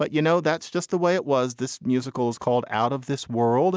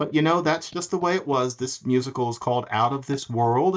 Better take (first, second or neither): first